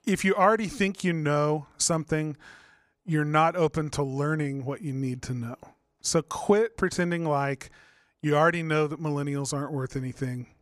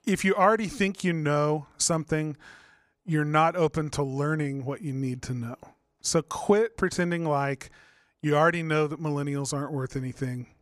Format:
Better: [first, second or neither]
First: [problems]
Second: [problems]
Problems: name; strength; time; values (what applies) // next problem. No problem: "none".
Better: neither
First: none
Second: none